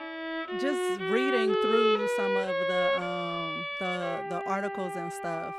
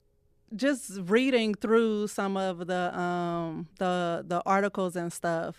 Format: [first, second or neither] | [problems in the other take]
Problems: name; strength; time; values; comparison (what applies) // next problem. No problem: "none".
second | background music; very loud; throughout; 4 dB above the speech